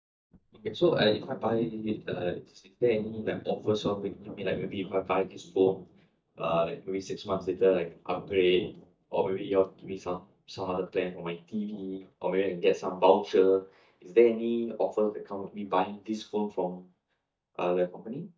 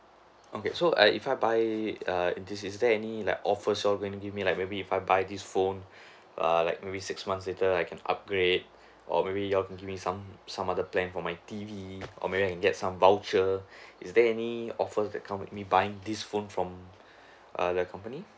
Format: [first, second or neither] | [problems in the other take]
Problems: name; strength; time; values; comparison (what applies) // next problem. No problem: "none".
second | noise reduction (neural mask model DeepFilterNet 3)